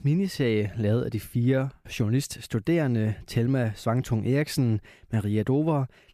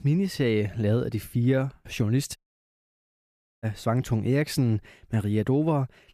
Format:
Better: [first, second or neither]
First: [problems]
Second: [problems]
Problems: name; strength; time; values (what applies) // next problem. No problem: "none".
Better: first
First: none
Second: audio cutting out; at 2.5 s for 1.5 s